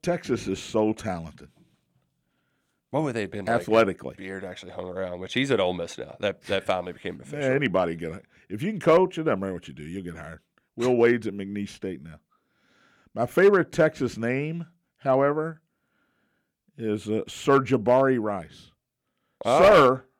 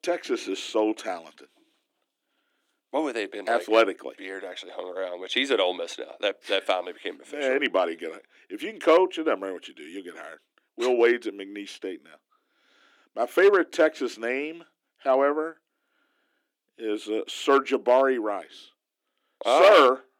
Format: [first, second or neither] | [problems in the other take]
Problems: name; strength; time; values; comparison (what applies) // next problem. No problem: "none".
first | thin; somewhat; fading below 300 Hz